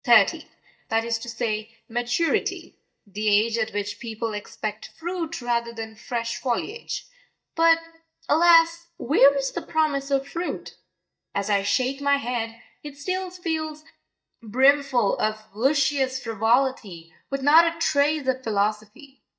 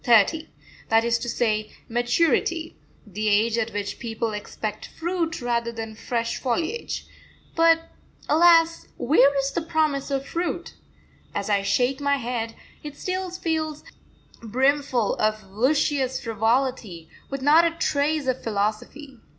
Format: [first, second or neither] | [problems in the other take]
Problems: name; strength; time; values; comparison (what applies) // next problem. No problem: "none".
second | noise reduction (neural mask model DeepFilterNet 3)